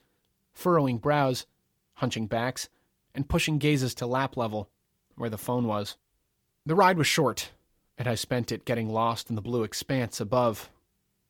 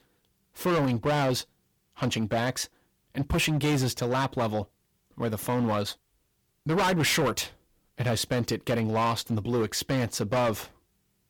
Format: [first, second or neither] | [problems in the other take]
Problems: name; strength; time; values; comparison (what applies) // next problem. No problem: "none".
first | distortion; heavy; 12% of the sound clipped